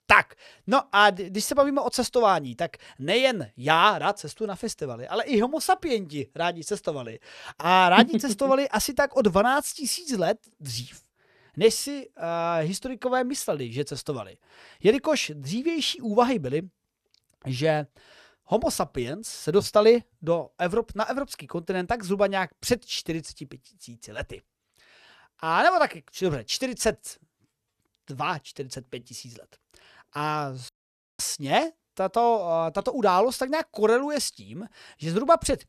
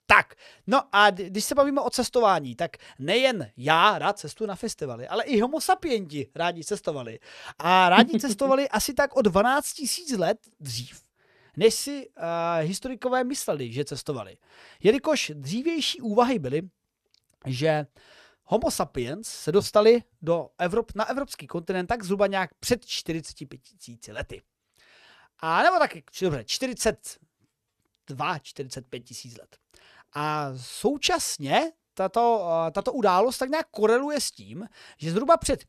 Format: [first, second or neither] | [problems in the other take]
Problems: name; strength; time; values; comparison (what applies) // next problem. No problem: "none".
second | audio cutting out; at 31 s for 0.5 s